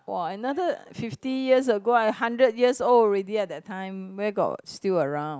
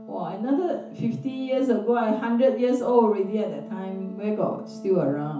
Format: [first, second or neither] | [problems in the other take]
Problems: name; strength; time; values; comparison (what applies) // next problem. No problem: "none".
first | background sound (Wind instrument, woodwind instrument); 16 dB below the speech // room echo; dies away in 0.9 s